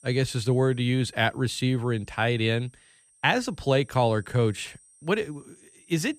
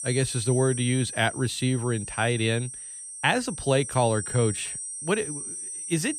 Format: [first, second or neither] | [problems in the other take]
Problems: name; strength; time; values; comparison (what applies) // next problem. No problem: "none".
first | high-pitched whine; loud; throughout; 8.5 kHz, 7 dB below the speech; faint in the first